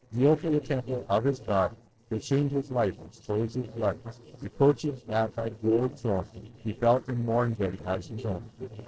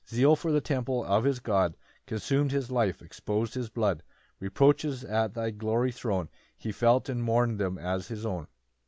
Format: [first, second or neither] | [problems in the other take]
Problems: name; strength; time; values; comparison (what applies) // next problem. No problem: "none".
second | noise reduction (neural separator model SepFormer DNS4)